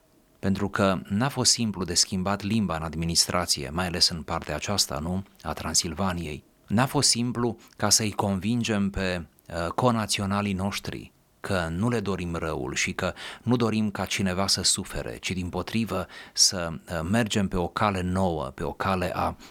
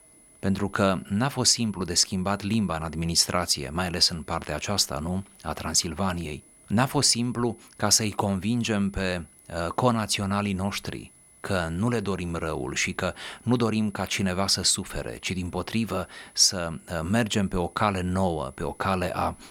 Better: first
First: none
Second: high-pitched whine; faint; throughout; 10 kHz, 25 dB below the speech

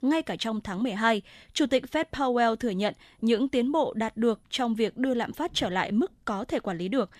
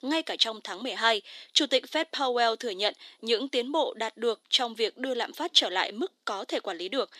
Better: first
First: none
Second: thin; somewhat; fading below 300 Hz

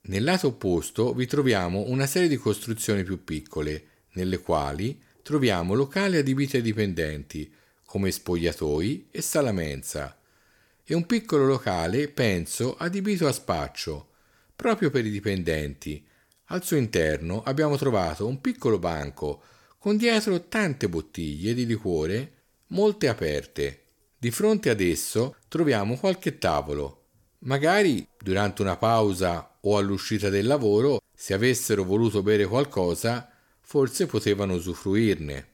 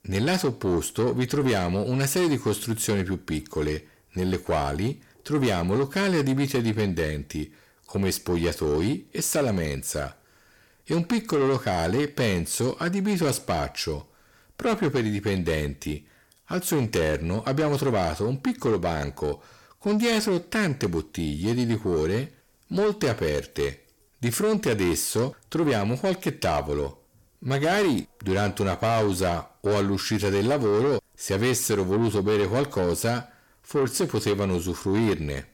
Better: first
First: none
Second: distortion; slight; 10 dB below the speech

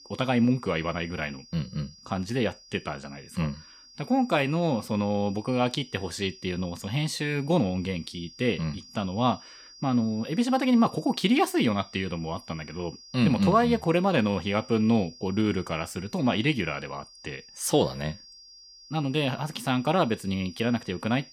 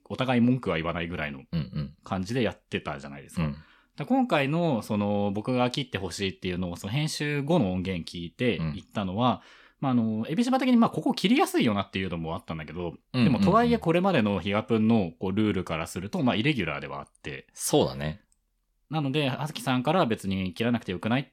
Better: second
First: high-pitched whine; faint; throughout; 5 kHz, 20 dB below the speech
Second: none

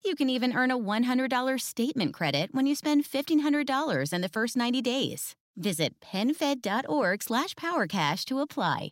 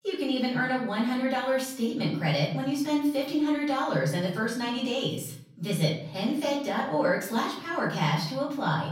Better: first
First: none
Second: off-mic speech; far // room echo; noticeable; dies away in 0.7 s

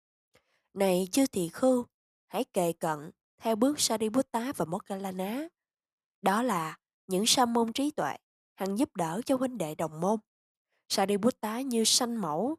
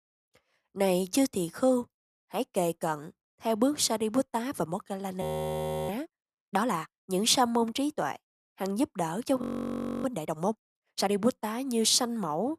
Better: first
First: none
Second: audio freezing; at 5 s for 0.5 s and at 9.5 s for 0.5 s

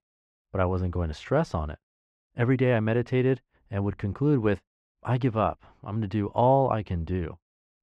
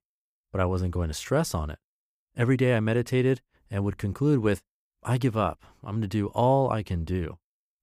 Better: second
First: muffled; slightly; fading above 3 kHz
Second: none

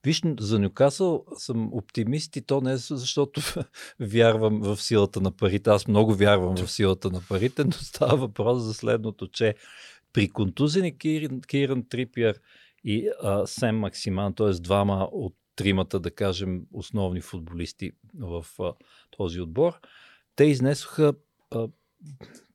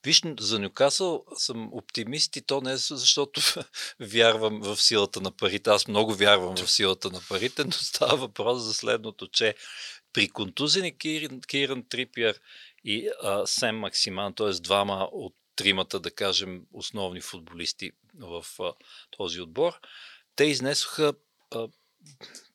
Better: first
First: none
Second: thin; somewhat; fading below 800 Hz

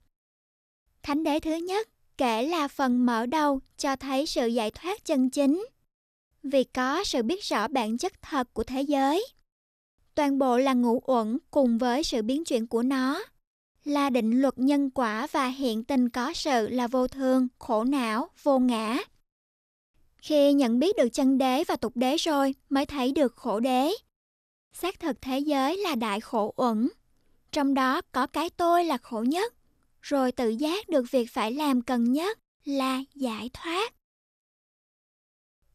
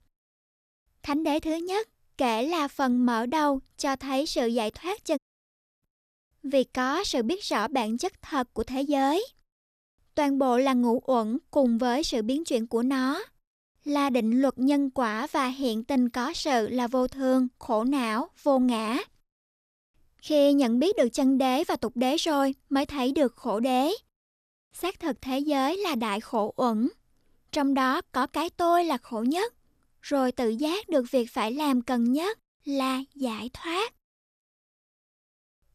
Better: first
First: none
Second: audio cutting out; at 5 s for 0.5 s

